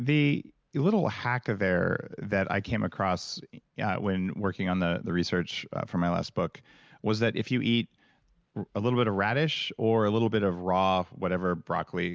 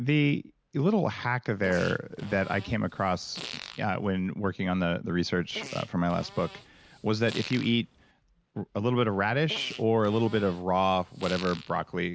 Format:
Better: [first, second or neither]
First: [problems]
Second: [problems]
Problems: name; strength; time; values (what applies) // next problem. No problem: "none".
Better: first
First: none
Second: background sound (Fart); 16 dB below the speech